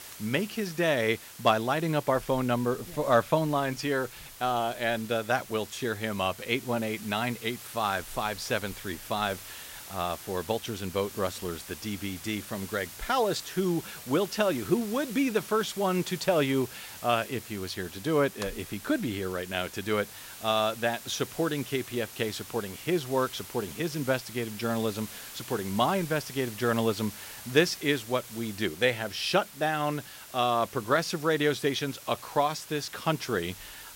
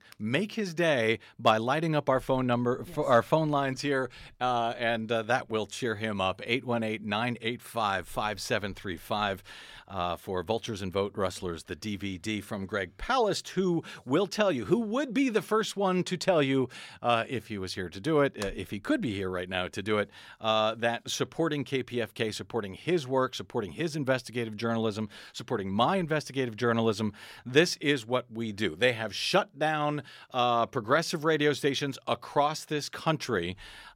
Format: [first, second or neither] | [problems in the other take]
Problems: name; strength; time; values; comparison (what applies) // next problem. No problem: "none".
second | hiss; noticeable; throughout; 15 dB below the speech